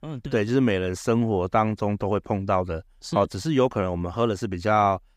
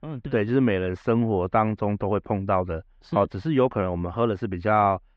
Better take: first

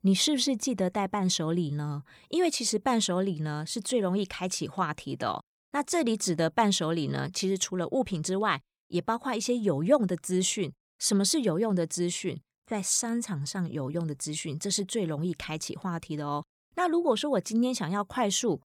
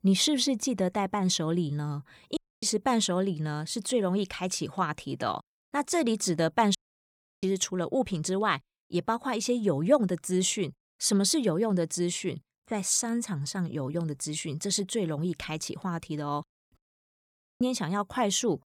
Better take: first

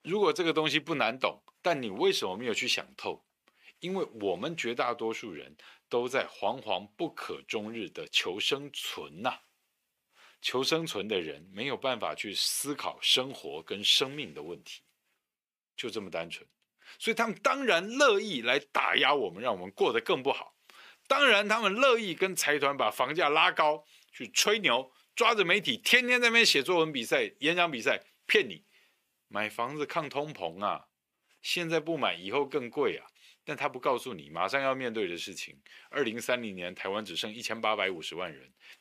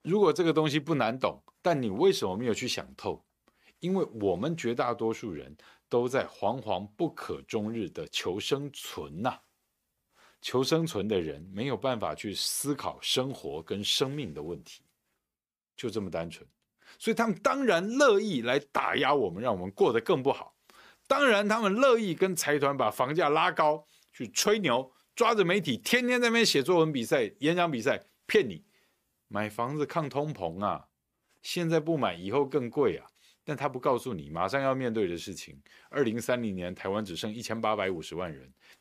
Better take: second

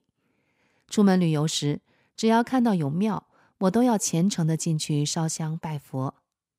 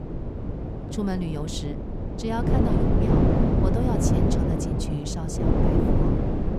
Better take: first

